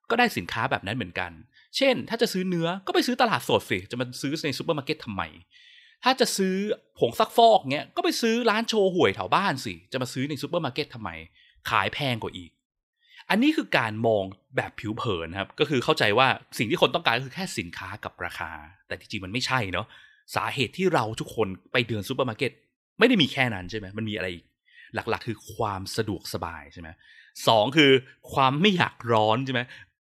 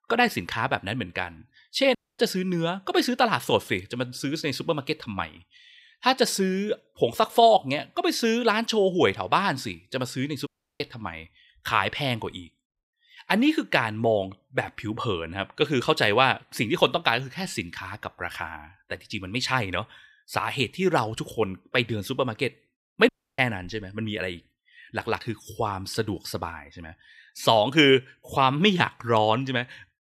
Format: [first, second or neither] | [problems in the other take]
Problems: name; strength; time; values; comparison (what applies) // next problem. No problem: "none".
first | audio cutting out; at 2 s, at 10 s and at 23 s